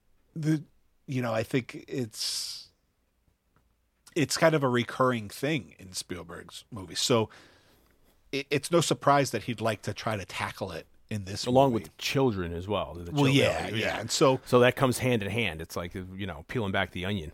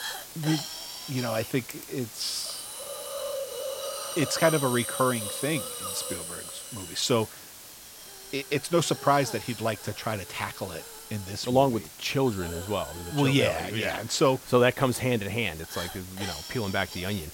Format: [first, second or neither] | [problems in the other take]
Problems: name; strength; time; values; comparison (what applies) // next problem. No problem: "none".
first | hiss; loud; throughout; 9 dB below the speech